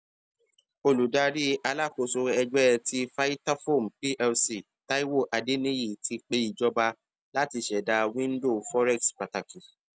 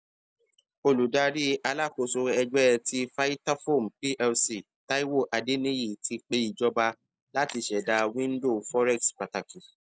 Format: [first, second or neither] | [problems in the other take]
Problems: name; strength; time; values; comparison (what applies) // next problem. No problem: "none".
first | noise reduction (neural mask model Resemble Enhance denoiser)